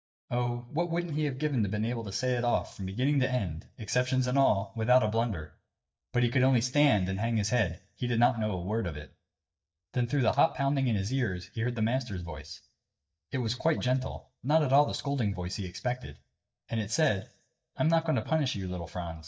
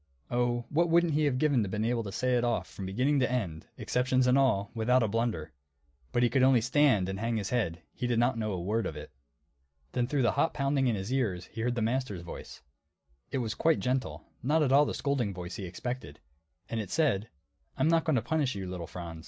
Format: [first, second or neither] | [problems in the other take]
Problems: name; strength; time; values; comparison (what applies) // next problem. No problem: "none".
second | noise reduction (neural mask model DeepFilterNet 3)